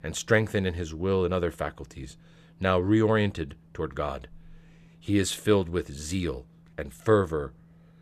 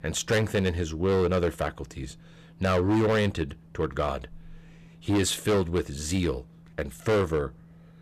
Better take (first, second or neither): first